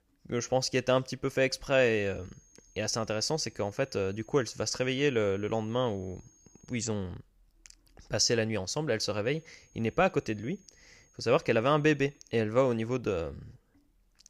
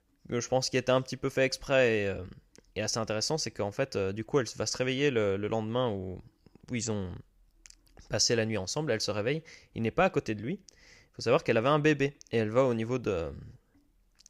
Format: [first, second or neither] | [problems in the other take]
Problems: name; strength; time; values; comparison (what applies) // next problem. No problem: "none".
second | high-pitched whine; faint; from 2 to 7 s and from 9.5 to 12 s; 6.5 kHz, 30 dB below the speech